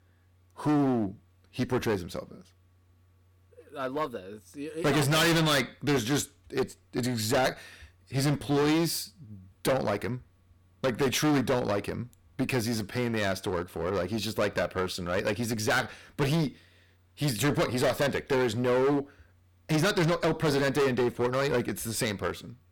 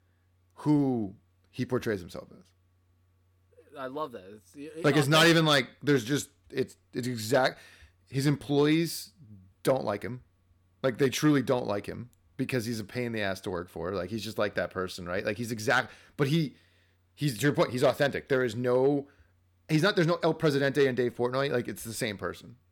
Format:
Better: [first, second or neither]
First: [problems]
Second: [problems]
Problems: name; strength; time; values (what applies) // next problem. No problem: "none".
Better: second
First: distortion; heavy; 14% of the sound clipped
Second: none